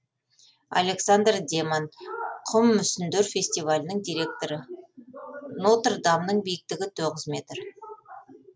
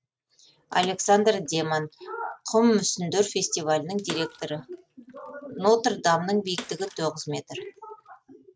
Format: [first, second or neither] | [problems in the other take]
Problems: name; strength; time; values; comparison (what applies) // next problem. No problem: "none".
first | noise reduction (neural mask model RNNoise)